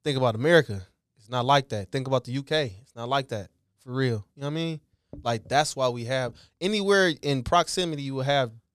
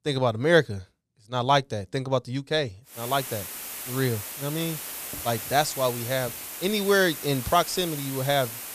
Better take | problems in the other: first | hiss; loud; from 3 s on; 8 dB below the speech

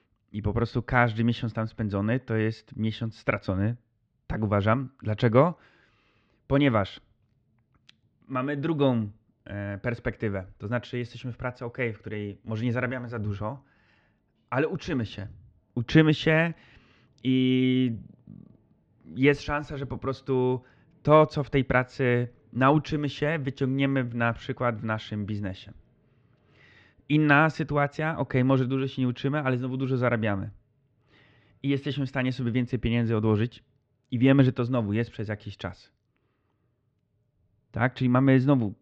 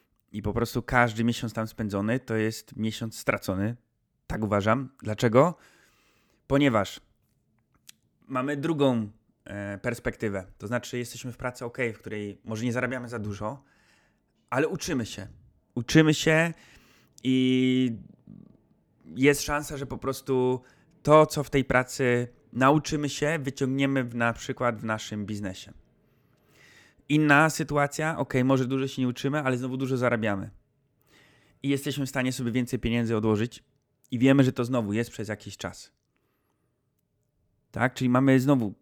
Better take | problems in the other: second | muffled; slightly; fading above 4 kHz

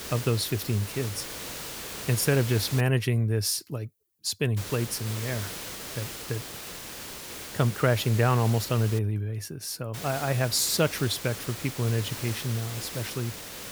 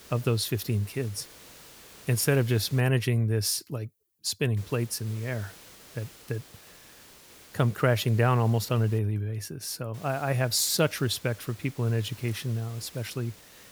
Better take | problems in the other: second | hiss; loud; until 3 s, from 4.5 to 9 s and from 10 s on; 9 dB below the speech; faint in the second

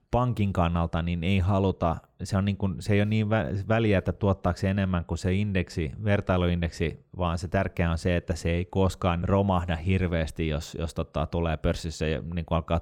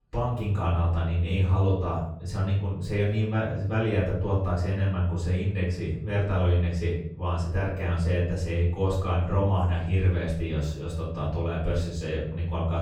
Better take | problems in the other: first | off-mic speech; far // room echo; noticeable; dies away in 0.6 s

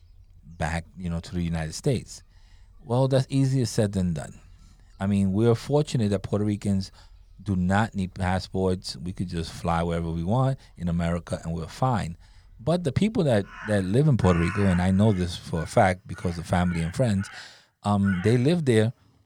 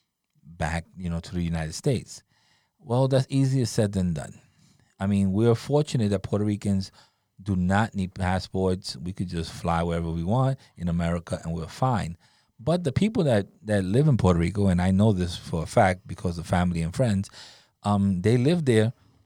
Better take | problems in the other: second | animal sounds; noticeable; throughout; 20 dB below the speech

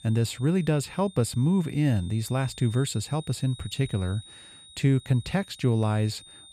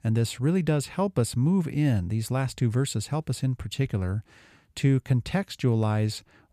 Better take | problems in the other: second | high-pitched whine; noticeable; throughout; 4 kHz, 20 dB below the speech

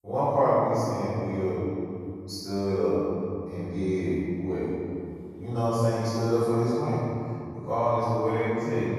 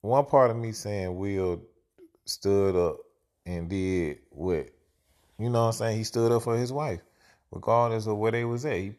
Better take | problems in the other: second | off-mic speech; far // room echo; strong; dies away in 2.9 s

